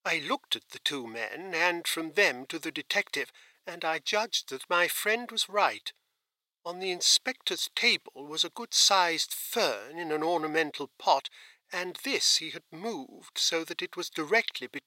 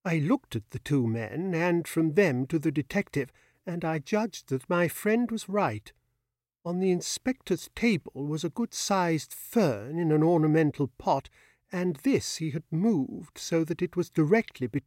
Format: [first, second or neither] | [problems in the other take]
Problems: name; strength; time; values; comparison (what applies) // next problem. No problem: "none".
second | thin; very; fading below 750 Hz